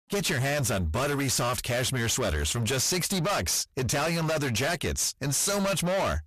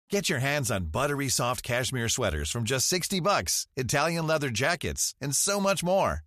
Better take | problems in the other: second | distortion; heavy; 34% of the sound clipped

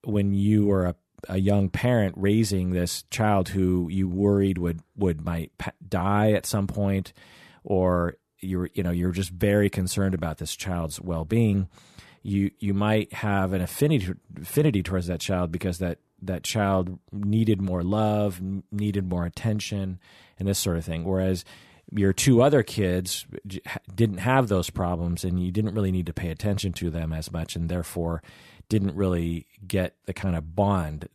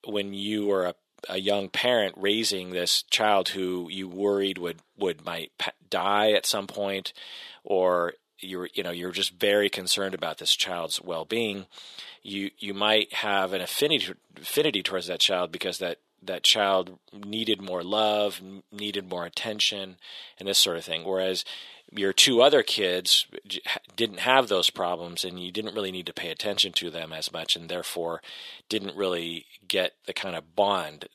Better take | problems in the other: first | thin; very; fading below 500 Hz

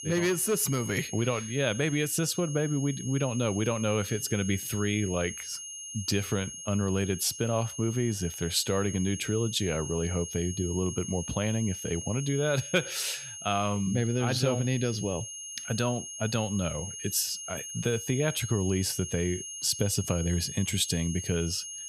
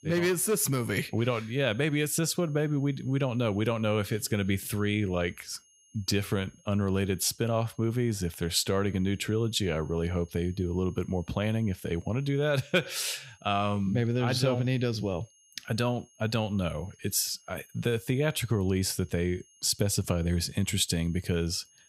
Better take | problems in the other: second | high-pitched whine; loud; throughout; 6.5 kHz, 8 dB below the speech; faint in the second

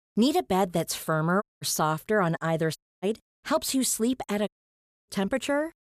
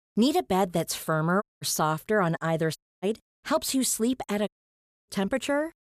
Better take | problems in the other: neither | audio cutting out; at 1.5 s, at 3 s and at 4.5 s for 0.5 s; the same in both

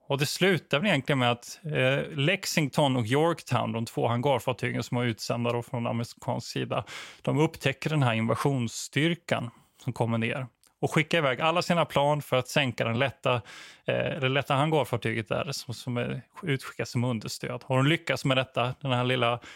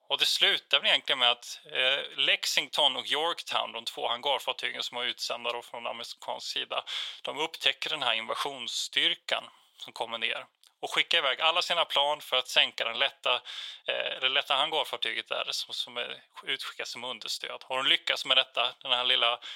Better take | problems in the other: first | thin; very; fading below 750 Hz

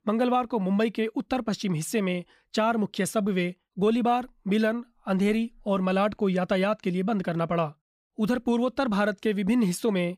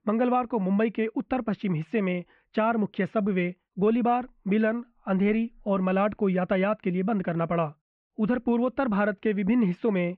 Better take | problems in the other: first | muffled; very; fading above 2.5 kHz

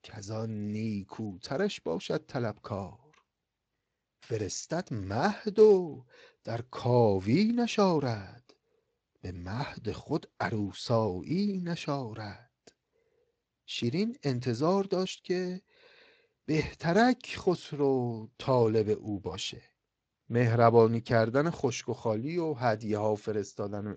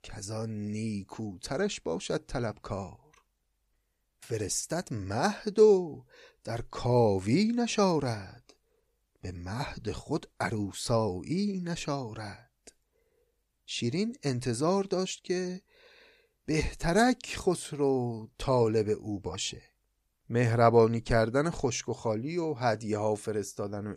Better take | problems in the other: second | garbled, watery; slightly; nothing above 7.5 kHz

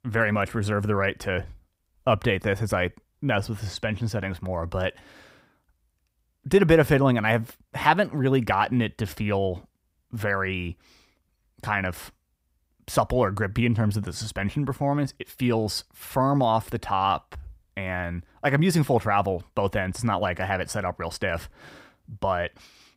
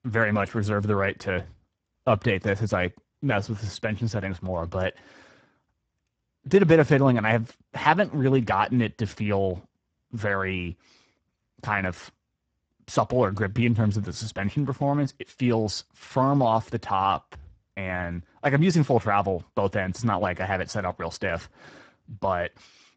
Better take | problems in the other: first | garbled, watery; badly; nothing above 8 kHz

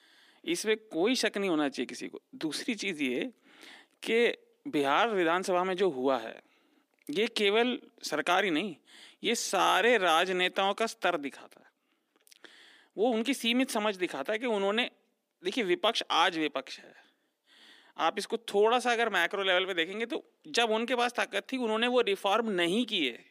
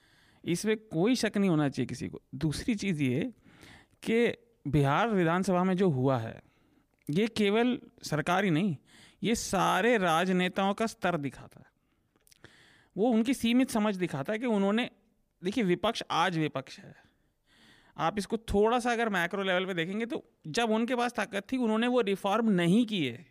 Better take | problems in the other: second | thin; somewhat; fading below 300 Hz

